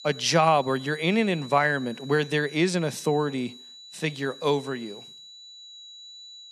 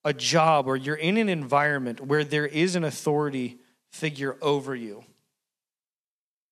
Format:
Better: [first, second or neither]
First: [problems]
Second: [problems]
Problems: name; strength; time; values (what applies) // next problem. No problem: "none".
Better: second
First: high-pitched whine; noticeable; throughout; 4 kHz, 20 dB below the speech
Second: none